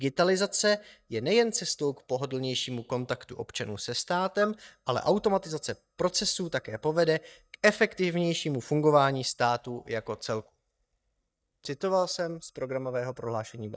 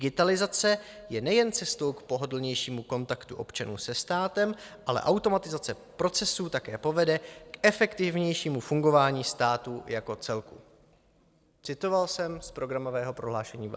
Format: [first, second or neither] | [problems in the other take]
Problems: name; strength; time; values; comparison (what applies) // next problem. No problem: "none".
second | noise reduction (neural mask model DeepFilterNet 3)